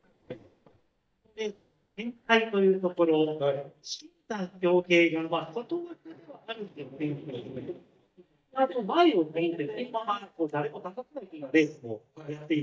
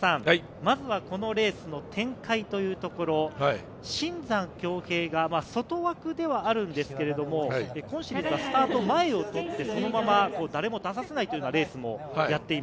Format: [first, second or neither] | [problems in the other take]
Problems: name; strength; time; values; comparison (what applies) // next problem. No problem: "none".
second | noise reduction (neural mask model DeepFilterNet 3)